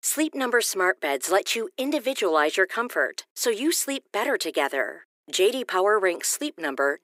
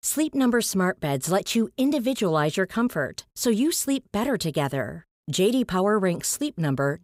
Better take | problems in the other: second | thin; somewhat; fading below 300 Hz

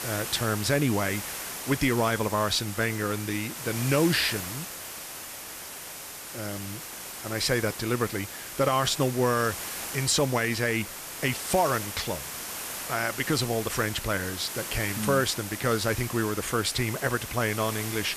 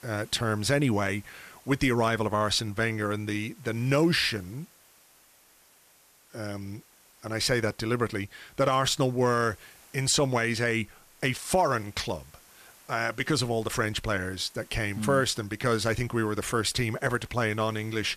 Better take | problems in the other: second | hiss; loud; throughout; 8 dB below the speech; faint in the second

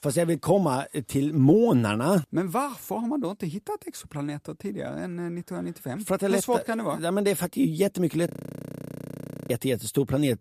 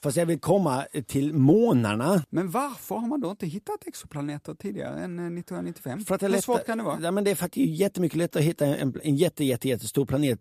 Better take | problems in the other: second | audio freezing; at 8.5 s for 1 s

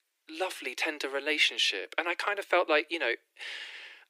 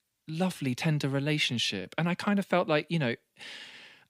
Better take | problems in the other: second | thin; very; fading below 300 Hz

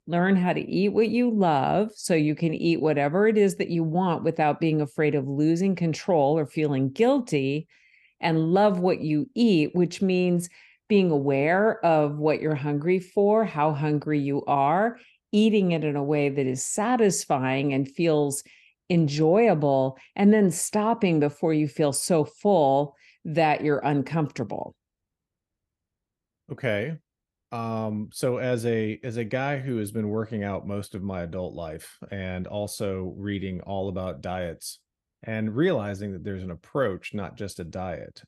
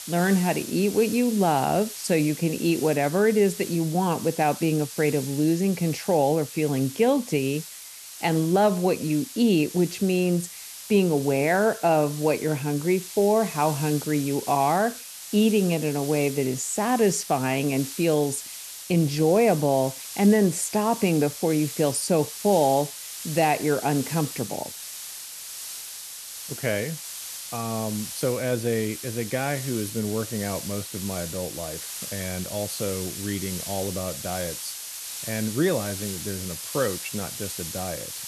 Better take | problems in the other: first | hiss; noticeable; throughout; 10 dB below the speech

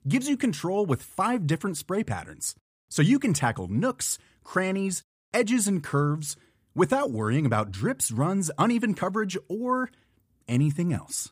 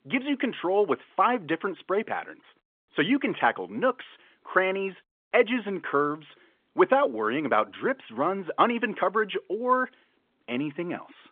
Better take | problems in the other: first | phone-call audio; nothing above 3.5 kHz

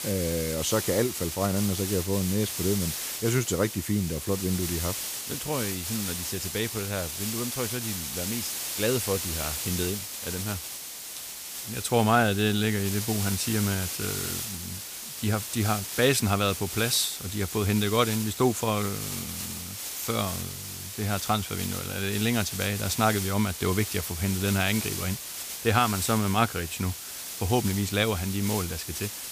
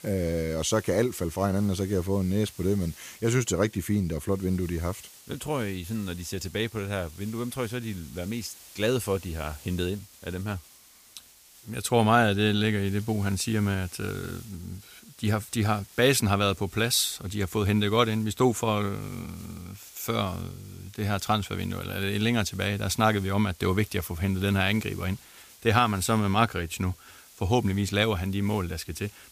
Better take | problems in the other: second | hiss; loud; throughout; 5 dB below the speech; faint in the second

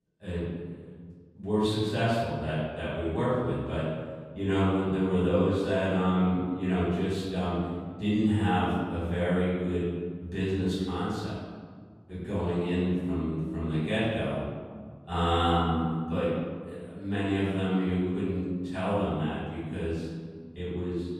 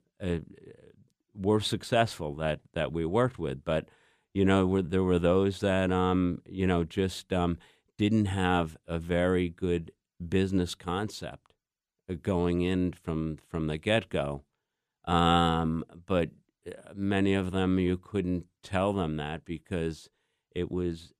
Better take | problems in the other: second | off-mic speech; far // room echo; strong; dies away in 1.7 s

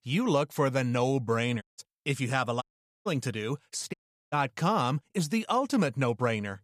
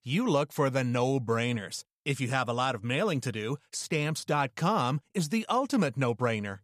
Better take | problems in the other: second | audio cutting out; at 1.5 s, at 2.5 s and at 4 s

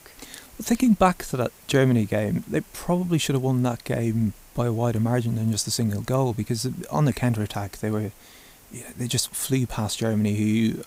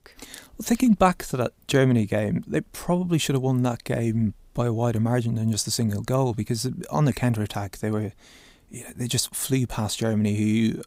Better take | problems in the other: second | hiss; faint; throughout; 25 dB below the speech

